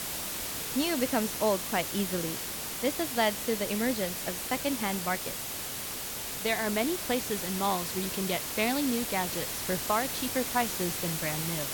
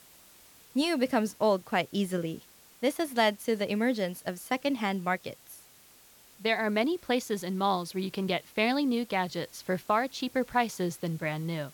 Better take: second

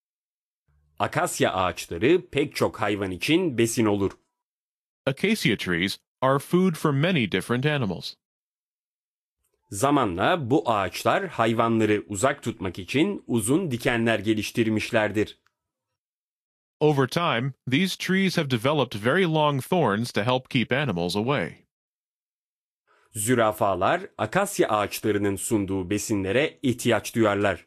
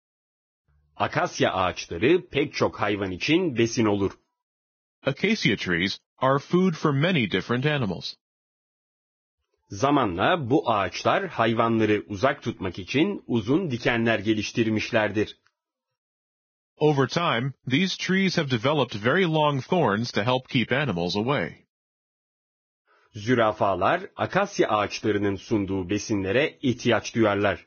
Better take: first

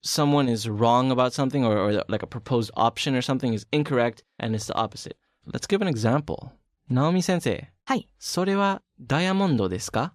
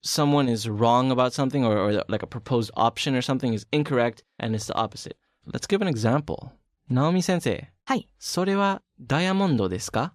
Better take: neither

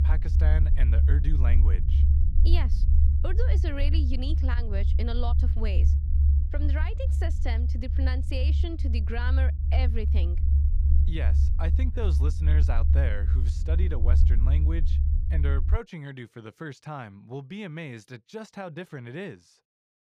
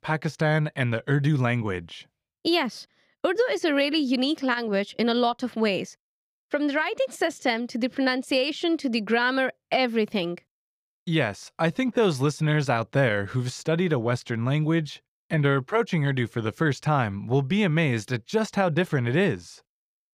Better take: second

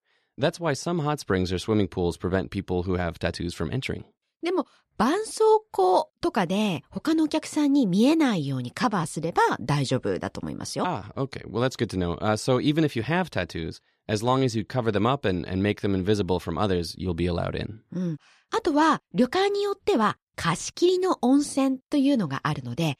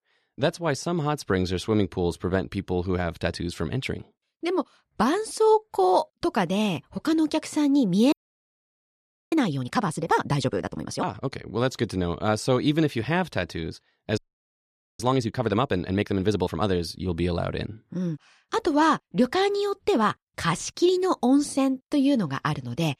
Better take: first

